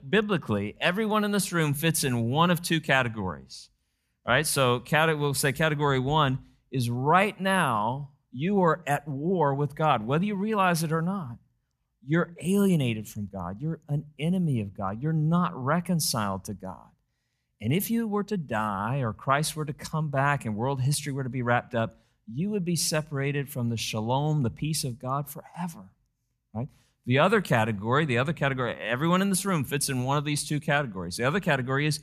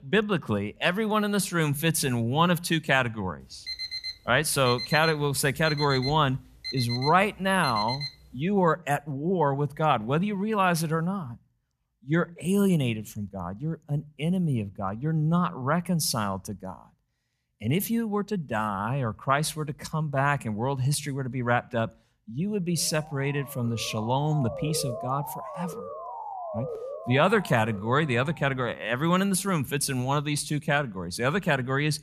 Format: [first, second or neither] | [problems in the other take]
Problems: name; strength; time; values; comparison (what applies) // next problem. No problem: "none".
first | alarm; noticeable; from 3.5 to 8 s; peak 5 dB below the speech // siren; noticeable; from 23 to 28 s; peak 8 dB below the speech